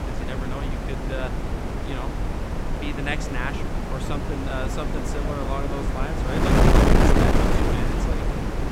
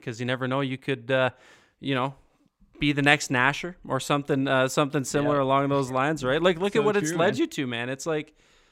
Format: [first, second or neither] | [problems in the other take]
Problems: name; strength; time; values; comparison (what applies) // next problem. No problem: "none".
second | wind noise on the microphone; heavy; 5 dB above the speech